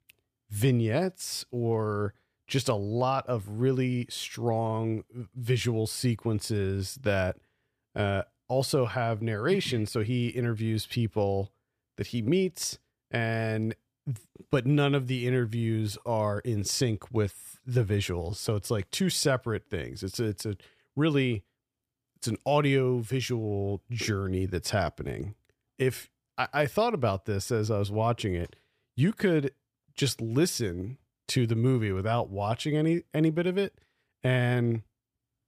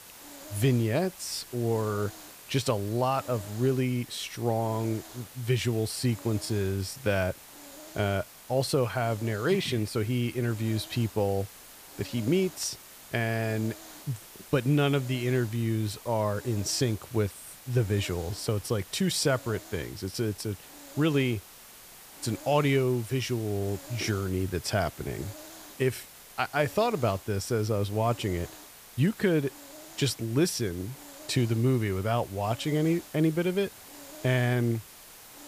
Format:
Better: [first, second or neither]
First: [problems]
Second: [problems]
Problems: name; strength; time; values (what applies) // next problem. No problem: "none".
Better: first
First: none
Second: hiss; noticeable; throughout; 15 dB below the speech